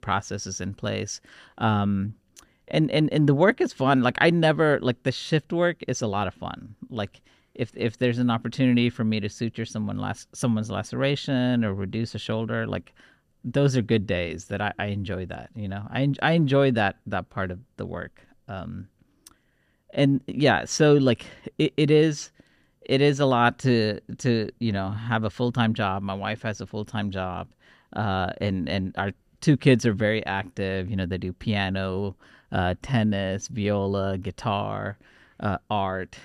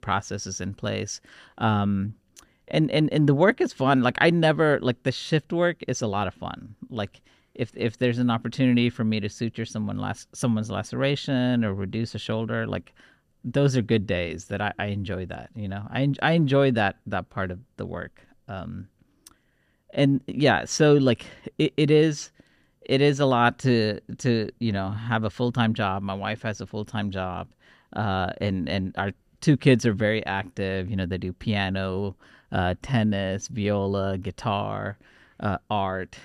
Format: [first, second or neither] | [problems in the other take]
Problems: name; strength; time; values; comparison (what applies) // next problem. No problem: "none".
neither | none